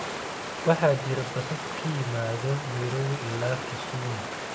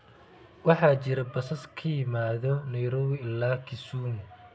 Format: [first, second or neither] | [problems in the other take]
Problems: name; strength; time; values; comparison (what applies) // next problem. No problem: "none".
second | background sound (Water); 5 dB below the speech